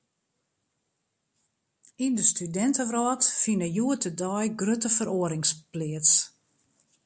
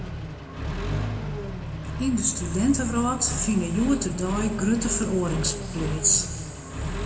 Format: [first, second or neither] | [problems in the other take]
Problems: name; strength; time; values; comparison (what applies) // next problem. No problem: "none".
first | background sound (Accelerating, revving, vroom); 5 dB below the speech // room echo; dies away in 1.9 s